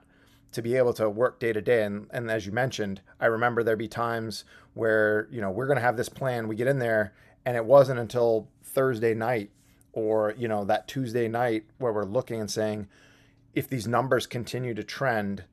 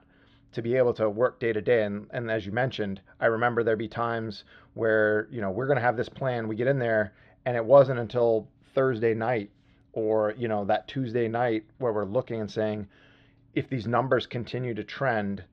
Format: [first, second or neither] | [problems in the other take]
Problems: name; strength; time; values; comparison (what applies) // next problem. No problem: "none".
first | muffled; slightly; fading above 3.5 kHz